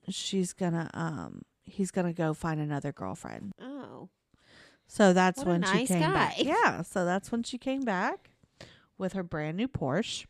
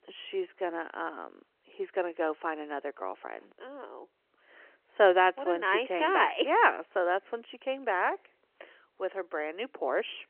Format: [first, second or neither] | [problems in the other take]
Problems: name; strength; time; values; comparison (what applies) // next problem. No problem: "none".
first | phone-call audio; nothing above 3 kHz